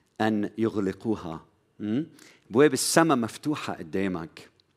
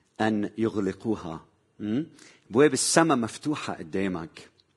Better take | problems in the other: first | garbled, watery; badly; nothing above 10.5 kHz

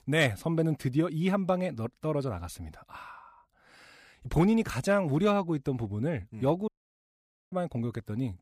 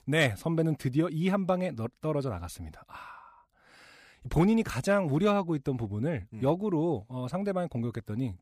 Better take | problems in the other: second | audio cutting out; at 6.5 s for 1 s

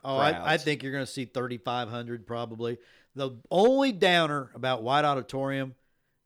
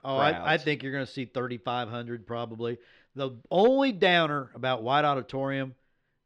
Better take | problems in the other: first | muffled; very slightly; fading above 3 kHz

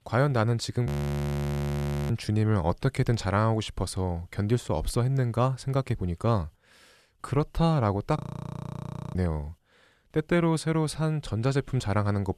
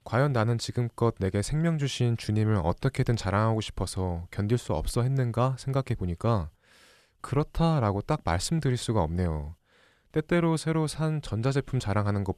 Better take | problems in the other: second | audio freezing; at 1 s for 1 s and at 8 s for 1 s

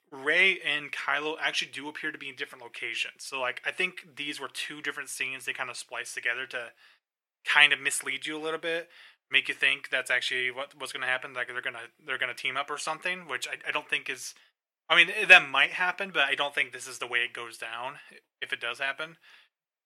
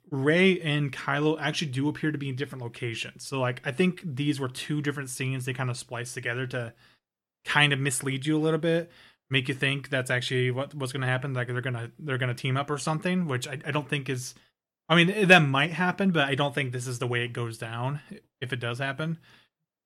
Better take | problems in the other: second | thin; very; fading below 600 Hz

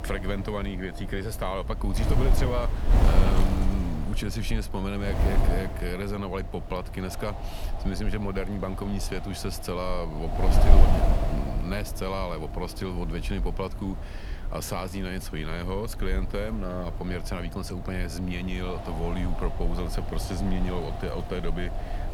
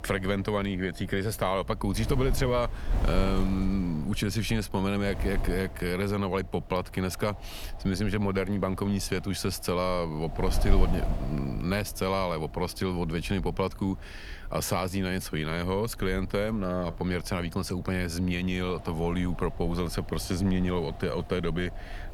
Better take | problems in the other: second | wind noise on the microphone; heavy; 4 dB below the speech; occasional gusts in the second

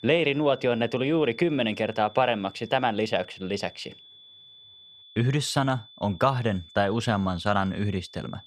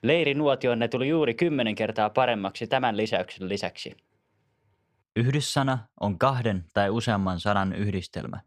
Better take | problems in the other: second | high-pitched whine; faint; throughout; 3.5 kHz, 20 dB below the speech

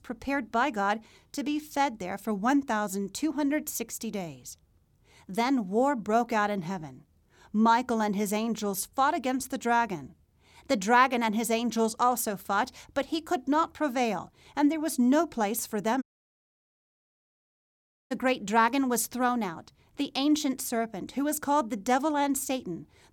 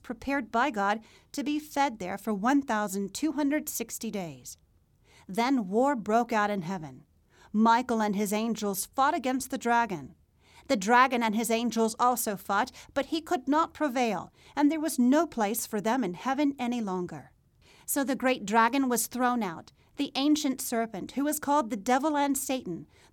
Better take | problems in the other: second | audio cutting out; at 16 s for 2 s

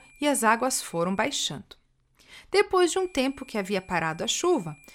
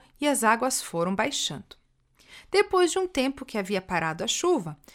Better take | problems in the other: second | high-pitched whine; faint; until 1.5 s and from 3 s on; 2.5 kHz, 30 dB below the speech

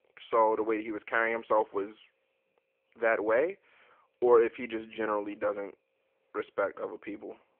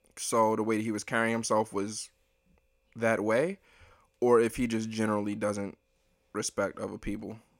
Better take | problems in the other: second | phone-call audio

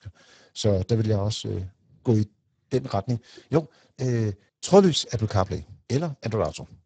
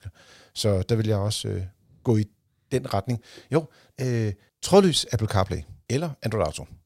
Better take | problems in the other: second | garbled, watery; badly; nothing above 7.5 kHz

